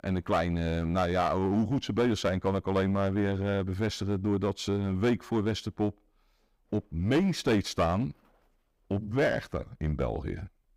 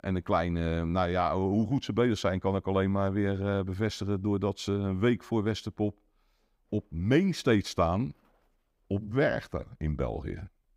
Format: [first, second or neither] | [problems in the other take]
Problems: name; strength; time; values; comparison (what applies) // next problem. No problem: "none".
second | distortion; slight; 7% of the sound clipped